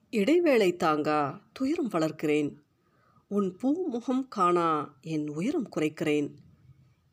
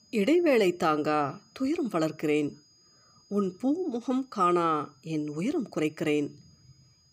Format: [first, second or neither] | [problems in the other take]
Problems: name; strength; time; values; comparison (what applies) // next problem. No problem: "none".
first | high-pitched whine; faint; throughout; 5 kHz, 30 dB below the speech